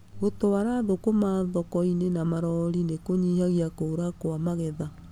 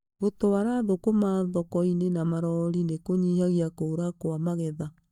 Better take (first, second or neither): first